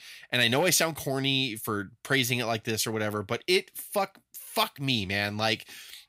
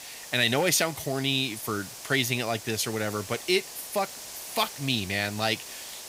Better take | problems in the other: first | hiss; noticeable; throughout; 10 dB below the speech

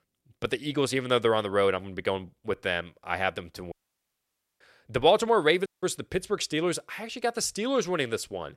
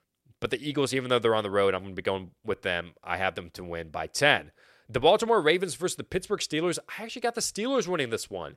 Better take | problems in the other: second | audio cutting out; at 3.5 s for 1 s and at 5.5 s

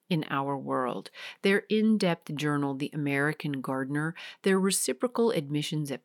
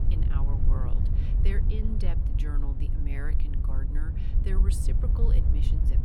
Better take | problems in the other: first | wind noise on the microphone; heavy; 1 dB below the speech

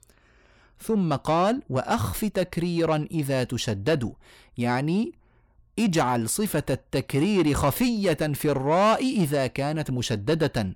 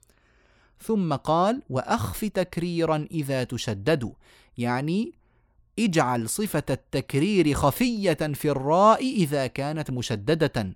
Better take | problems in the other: second | distortion; slight; 10 dB below the speech

